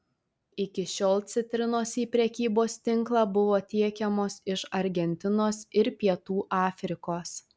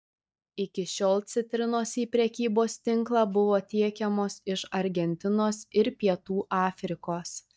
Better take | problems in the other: first | noise reduction (neural mask model DeepFilterNet 3)

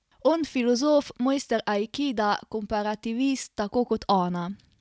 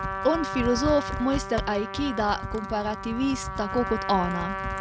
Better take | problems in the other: first | background sound (Computer keyboard + Trumpet); 5 dB below the speech

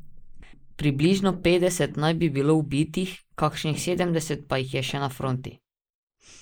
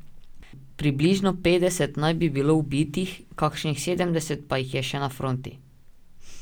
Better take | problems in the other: second | noise reduction (neural mask model Resemble Enhance denoiser)

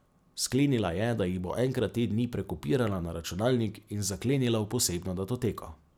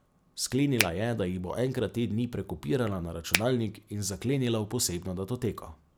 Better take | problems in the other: first | background sound (Finger snapping); as loud as the speech

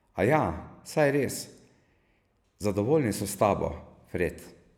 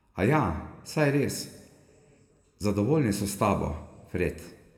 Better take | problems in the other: first | room echo; dies away in 1 s

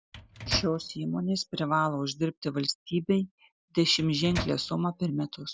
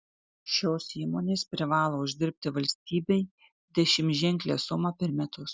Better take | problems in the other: second | background sound (Microwave oven); 10 dB below the speech

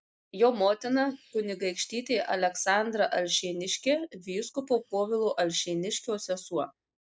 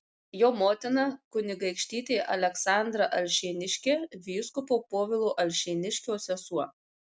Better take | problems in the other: second | noise reduction (neural mask model Resemble Enhance denoiser)

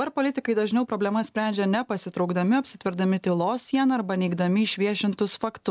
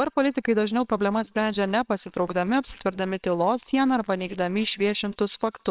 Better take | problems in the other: first | noise reduction (neural separator model SepFormer WHAMR!)

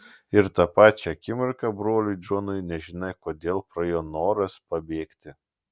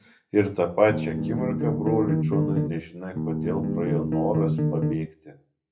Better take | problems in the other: first | background sound (Bass guitar); 2 dB above the speech // room echo; dies away in 0.3 s

